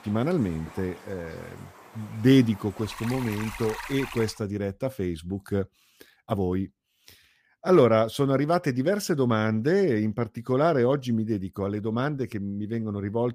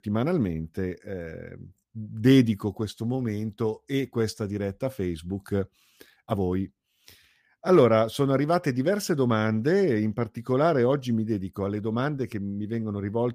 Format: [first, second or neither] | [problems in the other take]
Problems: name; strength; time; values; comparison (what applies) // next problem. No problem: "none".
second | rain or running water; noticeable; until 4.5 s; 15 dB below the speech